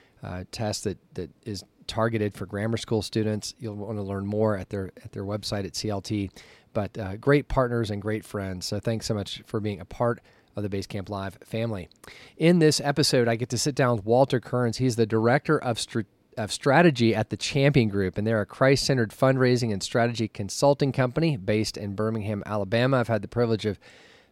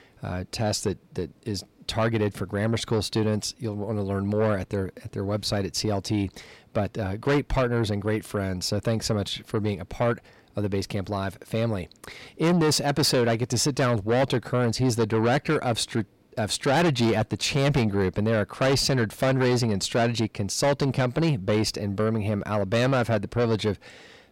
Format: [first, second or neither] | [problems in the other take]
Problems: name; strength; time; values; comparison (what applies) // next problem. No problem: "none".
first | distortion; heavy; 8 dB below the speech